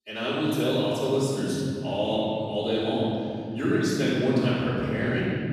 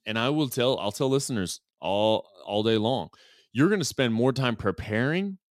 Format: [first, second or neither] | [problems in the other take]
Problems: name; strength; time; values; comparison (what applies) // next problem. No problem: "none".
second | room echo; strong; dies away in 3 s // off-mic speech; far